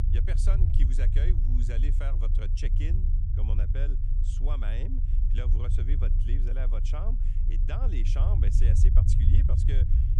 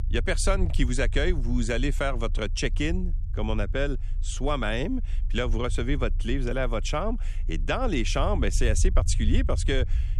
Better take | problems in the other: second | low rumble; loud; throughout; 2 dB below the speech; faint in the second

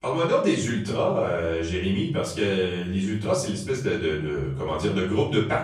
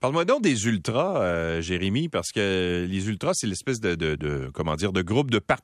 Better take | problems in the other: second | off-mic speech; far // room echo; noticeable; dies away in 0.6 s

